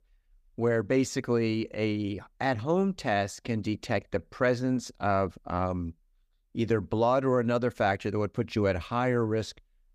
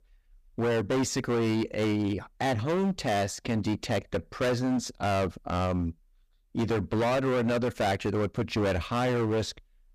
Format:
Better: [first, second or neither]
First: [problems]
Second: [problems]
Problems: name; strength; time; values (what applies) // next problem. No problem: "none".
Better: first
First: none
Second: distortion; heavy; 20% of the sound clipped